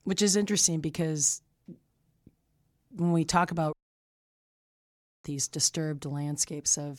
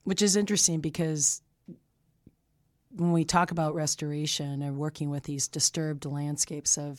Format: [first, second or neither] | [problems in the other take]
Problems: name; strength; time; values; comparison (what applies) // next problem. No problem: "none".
second | audio cutting out; at 3.5 s for 1.5 s